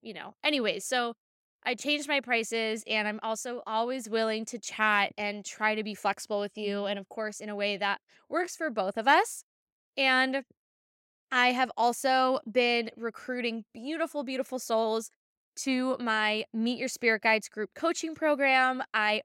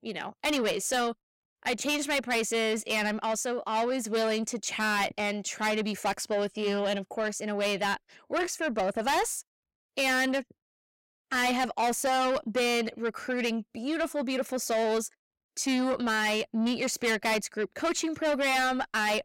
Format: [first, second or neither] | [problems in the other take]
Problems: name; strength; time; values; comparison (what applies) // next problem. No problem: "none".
first | distortion; heavy; 6 dB below the speech